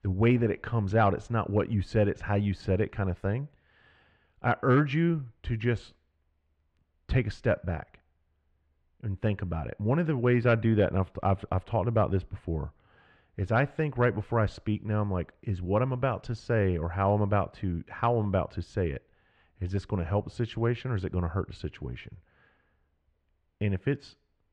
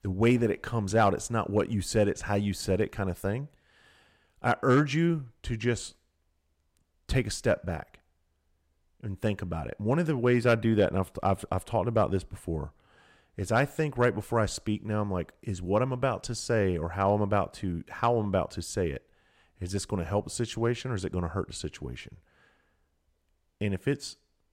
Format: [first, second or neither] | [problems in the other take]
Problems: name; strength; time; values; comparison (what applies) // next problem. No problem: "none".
second | muffled; slightly; fading above 2.5 kHz